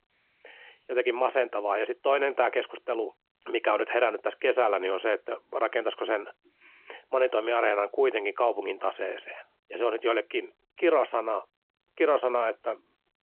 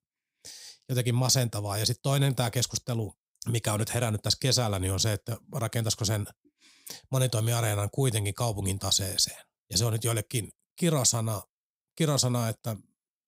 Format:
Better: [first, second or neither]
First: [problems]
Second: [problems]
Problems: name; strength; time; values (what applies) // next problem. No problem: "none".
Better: second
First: phone-call audio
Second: none